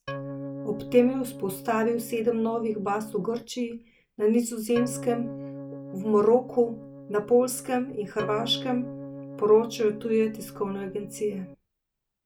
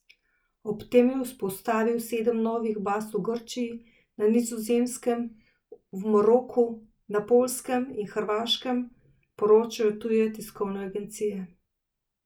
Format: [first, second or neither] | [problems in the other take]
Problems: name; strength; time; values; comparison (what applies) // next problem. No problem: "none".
second | background sound (Organ); 12 dB below the speech